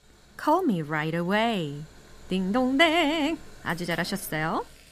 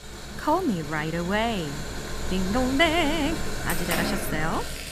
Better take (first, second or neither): first